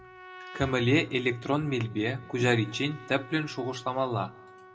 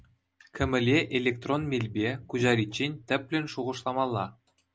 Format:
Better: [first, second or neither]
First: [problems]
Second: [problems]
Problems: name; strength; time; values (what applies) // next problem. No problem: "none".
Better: second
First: background sound (Trumpet); 19 dB below the speech // room echo; dies away in 0.4 s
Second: none